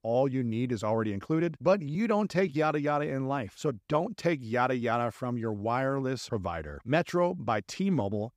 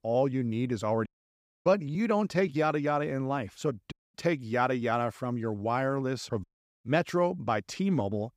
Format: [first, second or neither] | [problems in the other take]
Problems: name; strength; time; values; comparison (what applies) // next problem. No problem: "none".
first | audio cutting out; at 1 s for 0.5 s, at 4 s and at 6.5 s